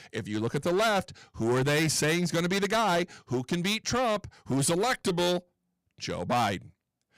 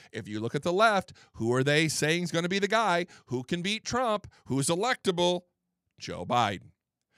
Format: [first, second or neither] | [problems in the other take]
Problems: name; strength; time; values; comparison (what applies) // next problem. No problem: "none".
second | distortion; heavy; 14% of the sound clipped